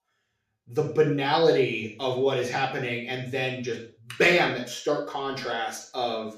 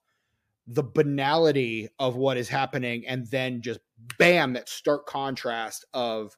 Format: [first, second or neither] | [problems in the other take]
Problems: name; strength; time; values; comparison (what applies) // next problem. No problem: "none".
second | room echo; noticeable; dies away in 0.4 s // off-mic speech; far